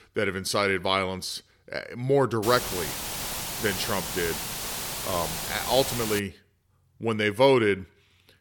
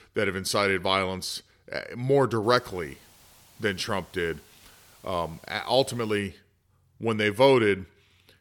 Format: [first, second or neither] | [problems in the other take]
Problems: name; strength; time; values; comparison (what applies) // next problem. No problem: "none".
second | hiss; loud; from 2.5 to 6 s; 4 dB below the speech; faint in the second